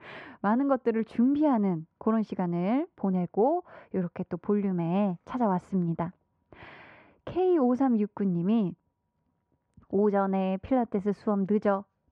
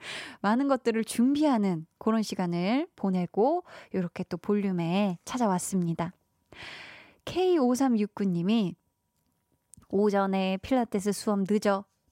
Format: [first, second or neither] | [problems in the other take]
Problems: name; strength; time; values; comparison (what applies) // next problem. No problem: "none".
second | muffled; very; fading above 1.5 kHz